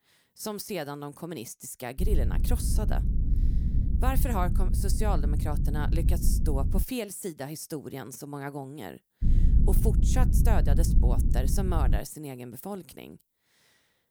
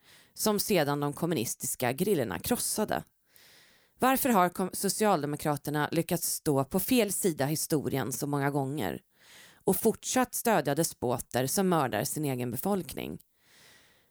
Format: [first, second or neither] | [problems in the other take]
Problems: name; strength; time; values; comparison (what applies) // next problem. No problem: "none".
second | low rumble; loud; from 2 to 7 s and from 9 to 12 s; 6 dB below the speech